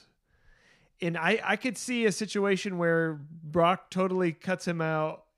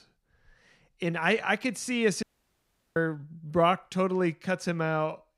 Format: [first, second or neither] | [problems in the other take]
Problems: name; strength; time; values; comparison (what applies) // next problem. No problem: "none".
first | audio cutting out; at 2 s for 0.5 s